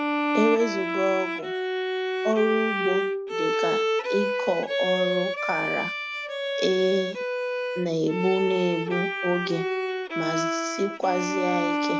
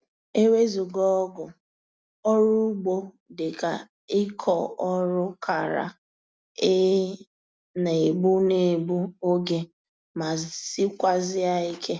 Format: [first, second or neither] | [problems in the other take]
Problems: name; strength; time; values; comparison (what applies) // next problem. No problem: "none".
second | background sound (Bowed string instrument); as loud as the speech